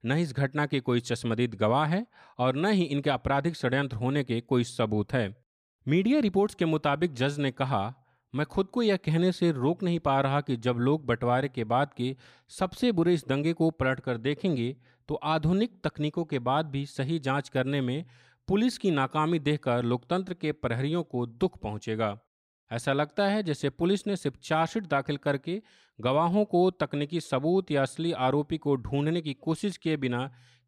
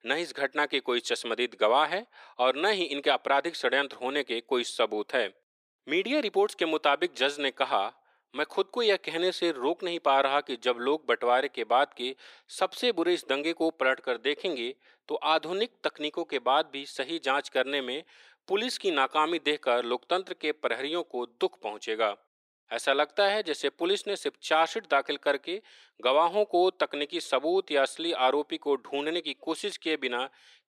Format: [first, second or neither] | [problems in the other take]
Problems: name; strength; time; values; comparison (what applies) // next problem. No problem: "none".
first | thin; very; fading below 350 Hz